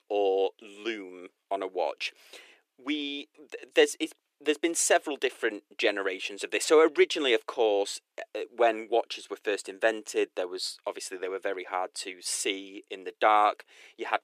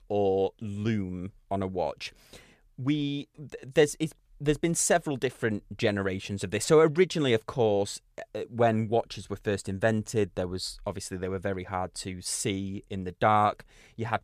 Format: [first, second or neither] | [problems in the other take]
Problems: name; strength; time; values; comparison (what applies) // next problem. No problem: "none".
second | thin; somewhat; fading below 300 Hz